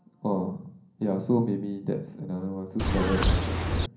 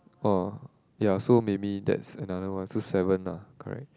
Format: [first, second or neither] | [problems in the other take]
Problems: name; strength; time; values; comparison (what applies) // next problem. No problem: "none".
second | background sound (Bird); 4 dB above the speech // room echo; dies away in 0.6 s